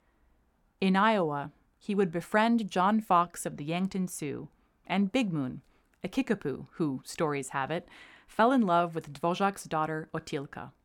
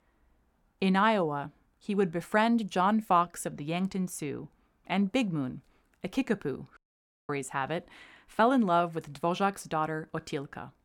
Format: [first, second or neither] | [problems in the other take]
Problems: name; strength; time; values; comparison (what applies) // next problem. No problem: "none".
first | audio cutting out; at 7 s for 0.5 s